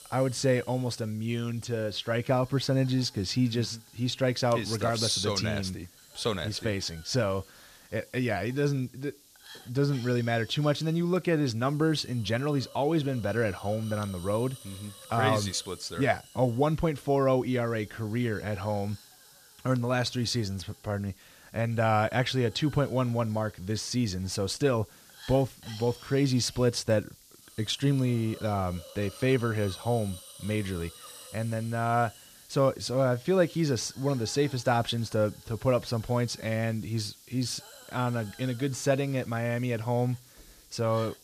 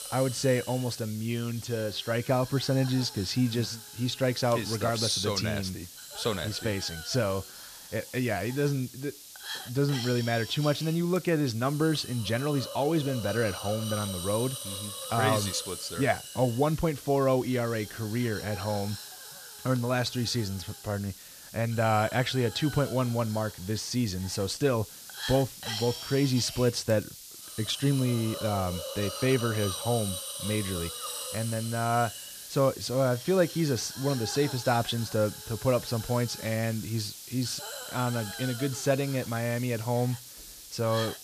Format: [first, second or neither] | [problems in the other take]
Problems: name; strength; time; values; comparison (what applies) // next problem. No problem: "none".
first | hiss; loud; throughout; 10 dB below the speech; faint in the first